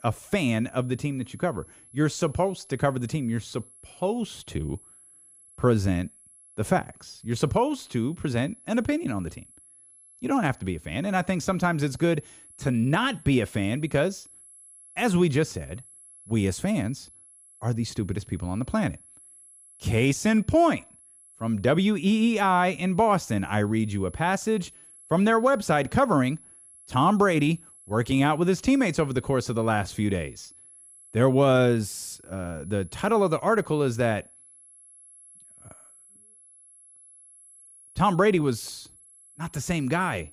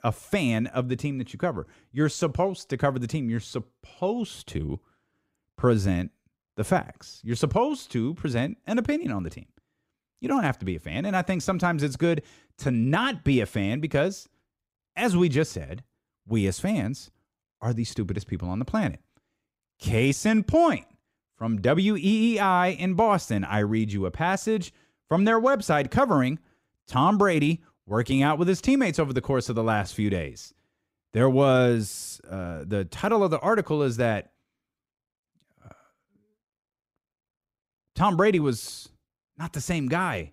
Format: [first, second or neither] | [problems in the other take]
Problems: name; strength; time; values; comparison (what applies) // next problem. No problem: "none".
second | high-pitched whine; faint; throughout; 11 kHz, 25 dB below the speech